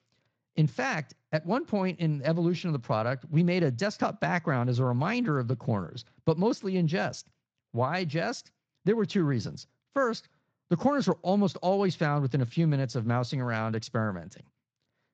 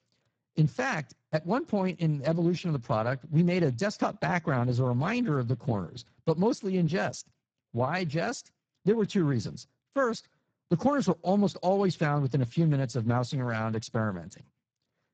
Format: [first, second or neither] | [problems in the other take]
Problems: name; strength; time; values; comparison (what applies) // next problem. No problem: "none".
first | garbled, watery; badly; nothing above 7.5 kHz; slightly in the first